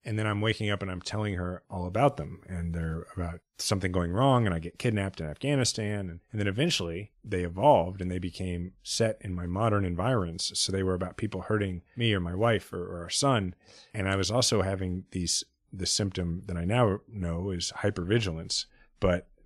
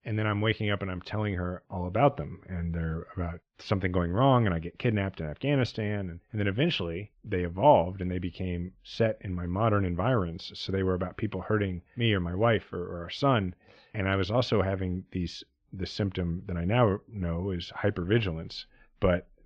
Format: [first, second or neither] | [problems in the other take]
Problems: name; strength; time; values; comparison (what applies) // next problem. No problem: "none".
first | muffled; slightly; fading above 3.5 kHz